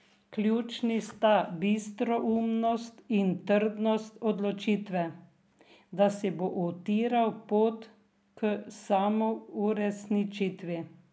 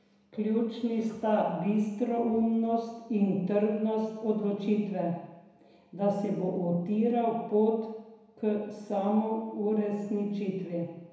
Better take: first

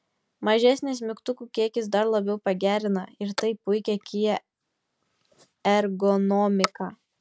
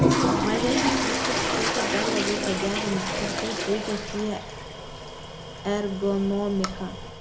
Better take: first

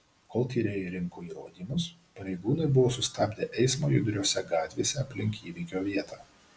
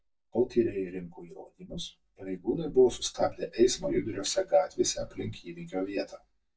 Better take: first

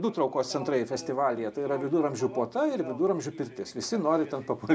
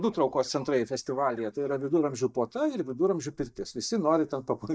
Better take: first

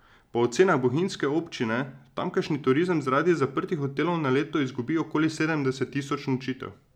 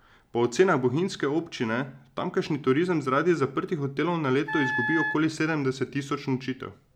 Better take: first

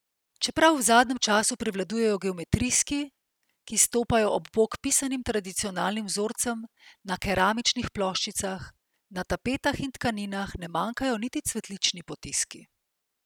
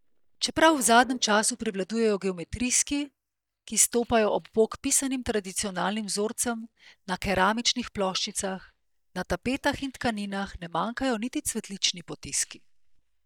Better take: first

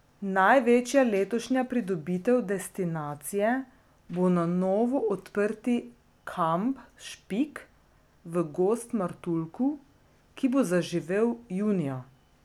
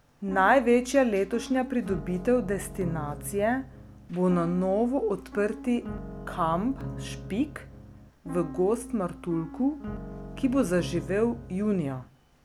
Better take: first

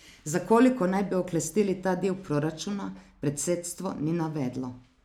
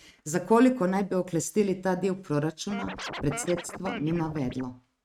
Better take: first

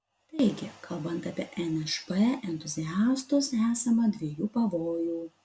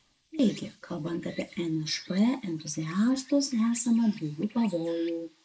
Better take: first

